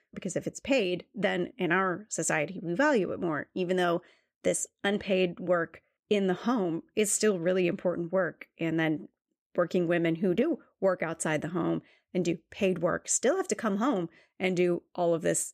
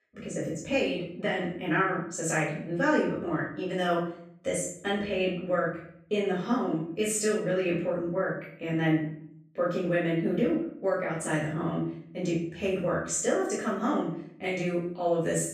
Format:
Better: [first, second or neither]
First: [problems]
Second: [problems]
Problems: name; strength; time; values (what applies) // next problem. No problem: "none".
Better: first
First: none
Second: room echo; noticeable; dies away in 0.6 s // off-mic speech; far